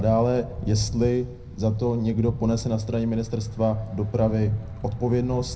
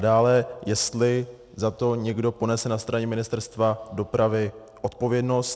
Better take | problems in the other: second | background sound (Thunder / Bicycle); 11 dB below the speech // room echo; dies away in 0.4 s

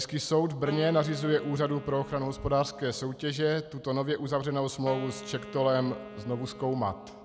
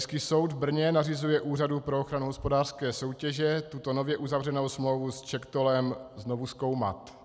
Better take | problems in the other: second | background sound (Wind instrument, woodwind instrument); 16 dB below the speech

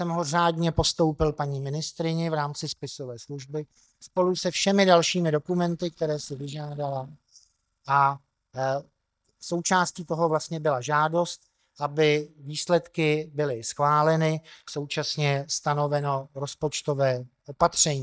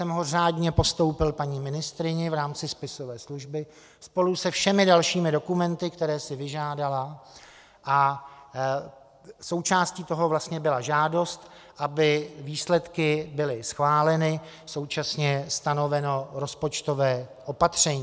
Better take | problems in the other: second | noise reduction (neural mask model DeepFilterNet 3)

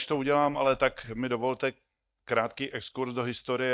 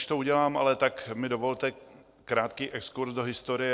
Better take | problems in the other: second | noise reduction (neural mask model DeepFilterNet 3)

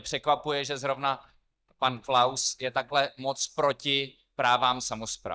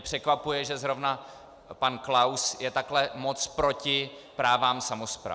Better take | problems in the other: second | noise reduction (neural mask model DeepFilterNet 3)

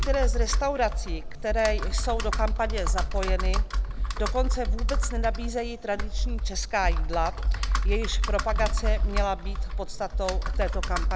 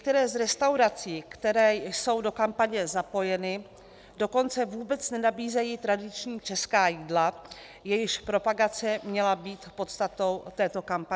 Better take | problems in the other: second | background sound (Computer keyboard); 5 dB above the speech

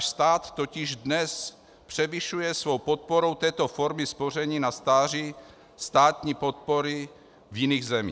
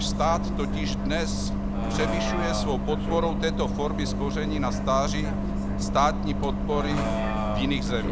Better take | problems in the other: first | background sound (Bus); 3 dB above the speech

